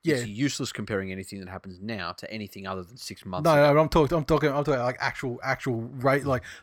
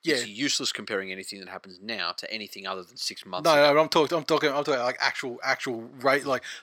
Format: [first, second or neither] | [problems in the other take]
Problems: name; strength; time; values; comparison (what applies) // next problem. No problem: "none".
first | thin; very slightly; fading below 300 Hz